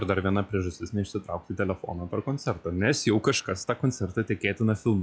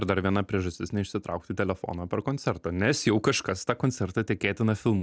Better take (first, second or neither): second